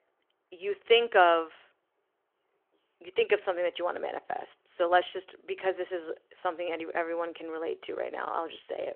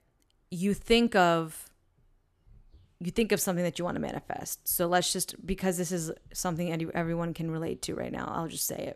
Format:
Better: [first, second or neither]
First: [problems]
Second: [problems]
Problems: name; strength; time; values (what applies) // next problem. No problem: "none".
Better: second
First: phone-call audio; nothing above 3 kHz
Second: none